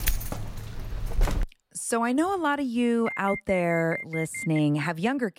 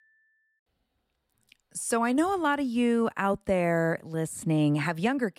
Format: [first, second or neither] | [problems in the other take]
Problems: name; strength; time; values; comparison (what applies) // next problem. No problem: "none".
second | jangling keys; noticeable; until 1.5 s; peak 3 dB below the speech // alarm; noticeable; from 3 to 4.5 s; peak 8 dB below the speech